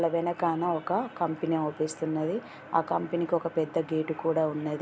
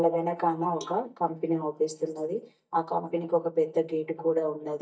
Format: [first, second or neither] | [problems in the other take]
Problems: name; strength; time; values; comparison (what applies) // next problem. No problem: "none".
first | noise reduction (neural mask model DeepFilterNet 3)